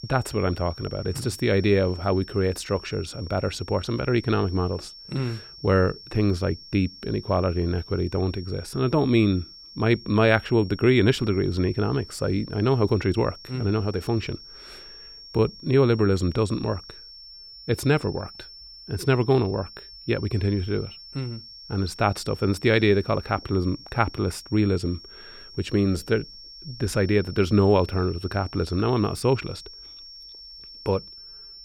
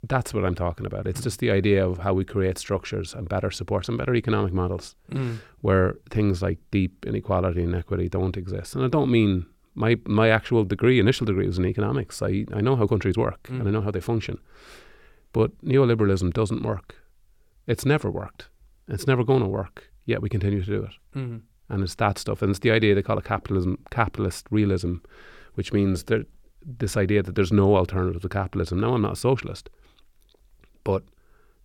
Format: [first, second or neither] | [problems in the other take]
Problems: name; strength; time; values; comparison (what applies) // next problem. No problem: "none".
second | high-pitched whine; noticeable; throughout; 5.5 kHz, 15 dB below the speech